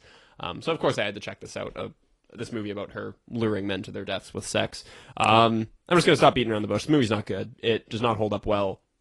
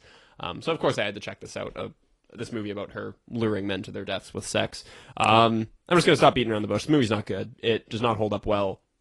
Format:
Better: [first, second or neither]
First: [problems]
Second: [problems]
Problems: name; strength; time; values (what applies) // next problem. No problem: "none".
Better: neither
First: garbled, watery; slightly; nothing above 10.5 kHz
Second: garbled, watery; slightly; nothing above 10.5 kHz